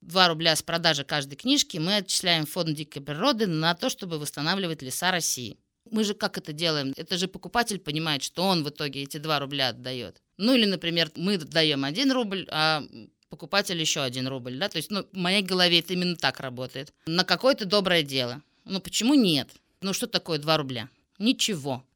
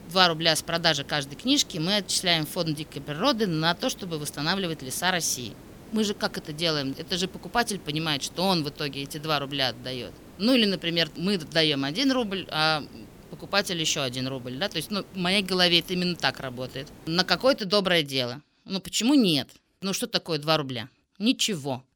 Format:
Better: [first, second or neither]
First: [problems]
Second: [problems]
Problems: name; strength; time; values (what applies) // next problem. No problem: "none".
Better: first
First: none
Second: hiss; faint; until 18 s; 20 dB below the speech